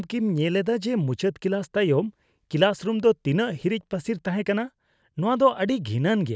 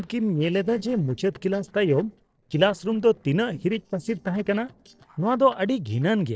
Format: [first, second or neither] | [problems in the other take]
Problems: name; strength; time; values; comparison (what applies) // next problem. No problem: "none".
first | noise reduction (neural separator model SepFormer DNS4)